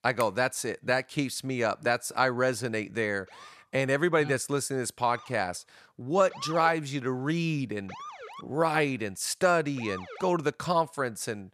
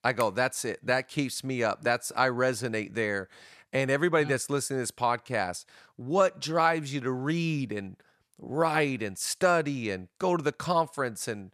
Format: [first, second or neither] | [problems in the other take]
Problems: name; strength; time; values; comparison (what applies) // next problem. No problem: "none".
second | siren; faint; from 3.5 to 10 s; peak 10 dB below the speech